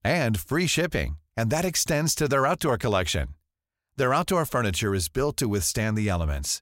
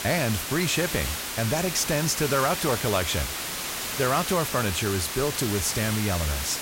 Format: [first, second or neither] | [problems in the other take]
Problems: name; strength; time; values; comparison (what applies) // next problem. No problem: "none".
first | hiss; loud; throughout; 3 dB below the speech